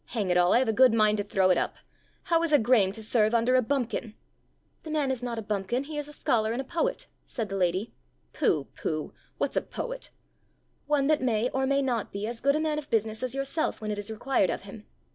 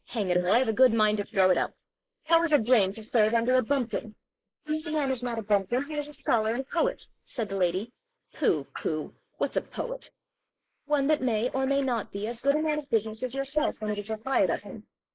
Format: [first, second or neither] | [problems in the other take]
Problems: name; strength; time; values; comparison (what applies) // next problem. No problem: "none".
first | noise reduction (neural mask model Resemble Enhance denoiser)